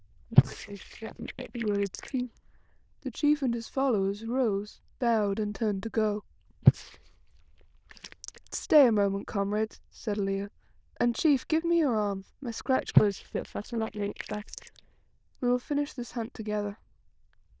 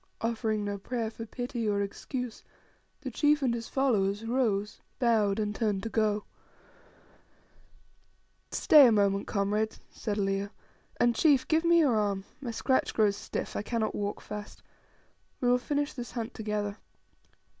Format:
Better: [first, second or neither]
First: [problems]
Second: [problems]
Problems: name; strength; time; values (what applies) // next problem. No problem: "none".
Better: second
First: noise reduction (neural diffusion model UNIVERSE++)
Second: none